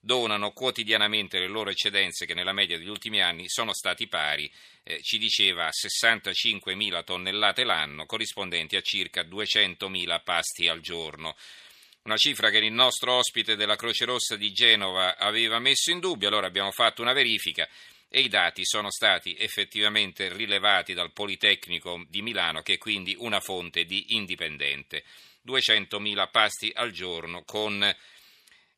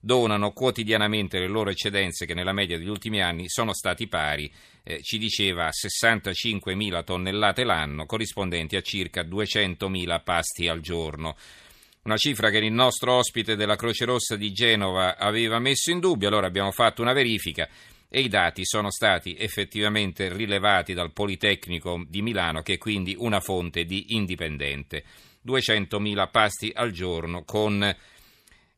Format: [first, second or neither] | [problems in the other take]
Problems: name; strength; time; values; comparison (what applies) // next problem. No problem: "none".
second | thin; somewhat; fading below 400 Hz